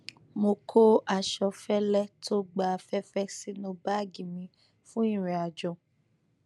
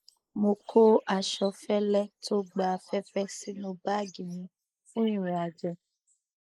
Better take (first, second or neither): first